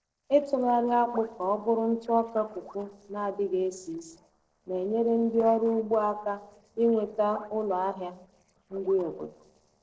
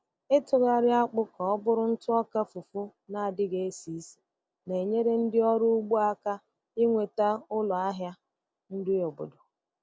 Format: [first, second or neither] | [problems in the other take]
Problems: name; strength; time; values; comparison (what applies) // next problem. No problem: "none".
second | noise reduction (neural separator model SepFormer DNS4)